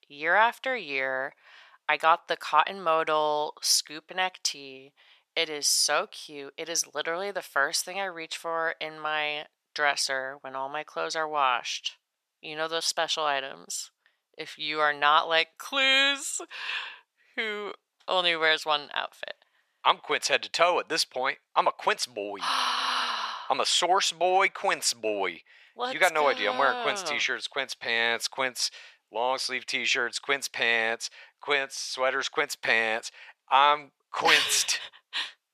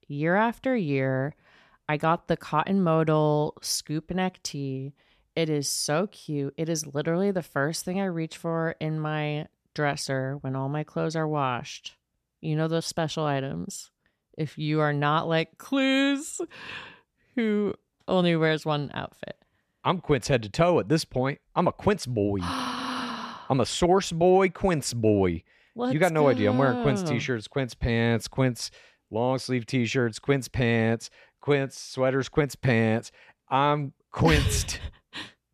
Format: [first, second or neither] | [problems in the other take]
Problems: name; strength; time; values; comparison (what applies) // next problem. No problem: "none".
second | thin; very; fading below 850 Hz